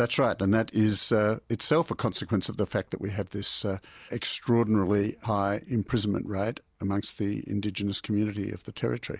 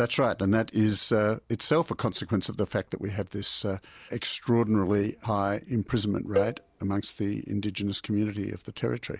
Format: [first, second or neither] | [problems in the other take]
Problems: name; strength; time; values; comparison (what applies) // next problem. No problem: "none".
first | background sound (Cowbell); 6 dB below the speech